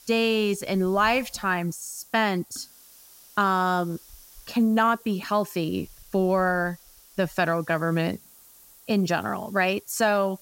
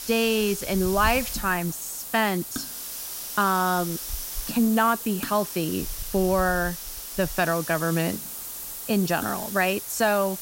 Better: first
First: hiss; faint; throughout; 25 dB below the speech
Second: hiss; loud; throughout; 7 dB below the speech

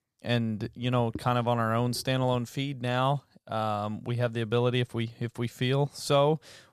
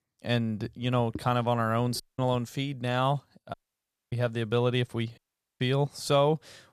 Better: first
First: none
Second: audio cutting out; at 2 s, at 3.5 s for 0.5 s and at 5 s

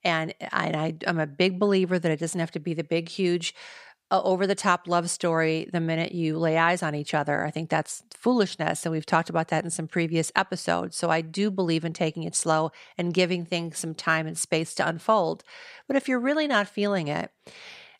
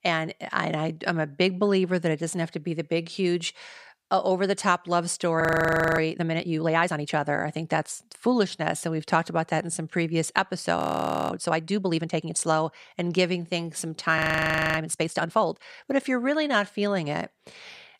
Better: first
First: none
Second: audio freezing; at 5.5 s for 0.5 s, at 11 s for 0.5 s and at 14 s for 0.5 s

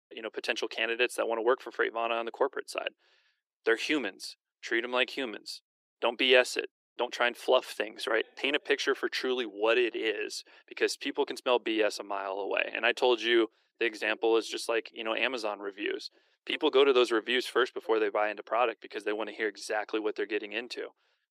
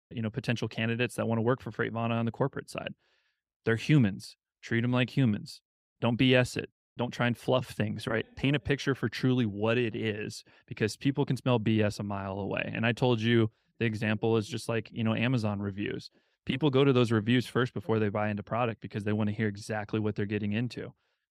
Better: second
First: thin; very; fading below 350 Hz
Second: none

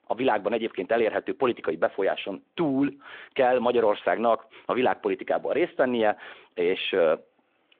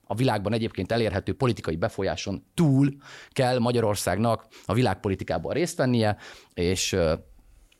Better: second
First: phone-call audio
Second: none

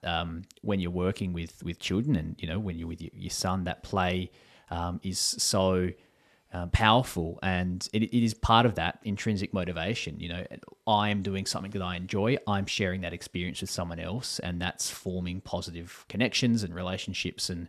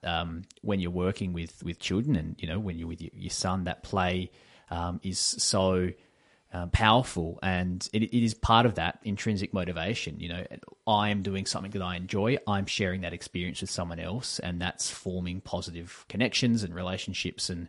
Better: first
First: none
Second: garbled, watery; slightly; nothing above 10.5 kHz

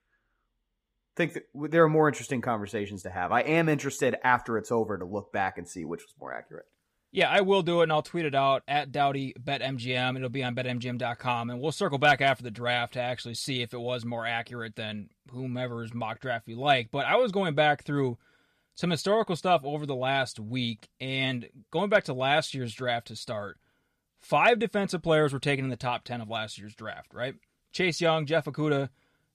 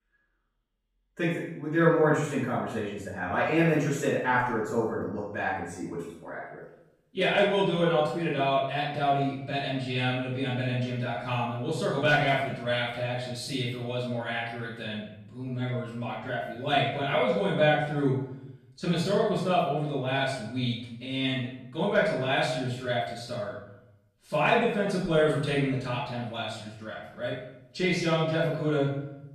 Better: first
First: none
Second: off-mic speech; far // room echo; noticeable; dies away in 0.7 s

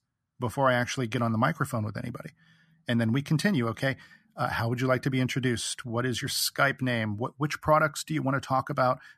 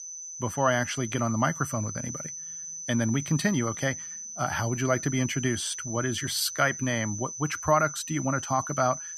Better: first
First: none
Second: high-pitched whine; loud; throughout; 6 kHz, 8 dB below the speech

